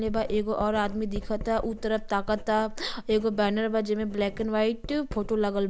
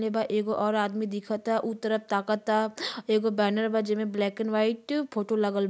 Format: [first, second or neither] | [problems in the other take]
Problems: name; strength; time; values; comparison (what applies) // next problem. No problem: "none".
second | background sound (Writing); 10 dB below the speech